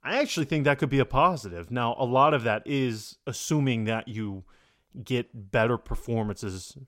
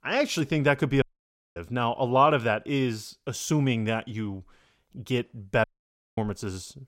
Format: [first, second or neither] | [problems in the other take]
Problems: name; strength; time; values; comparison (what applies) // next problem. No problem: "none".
first | audio cutting out; at 1 s for 0.5 s and at 5.5 s for 0.5 s